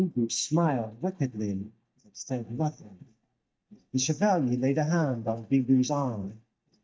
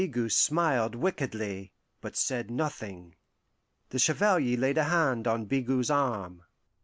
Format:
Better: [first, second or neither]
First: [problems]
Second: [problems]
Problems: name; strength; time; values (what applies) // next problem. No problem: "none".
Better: second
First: noise reduction (neural mask model DeepFilterNet 3)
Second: none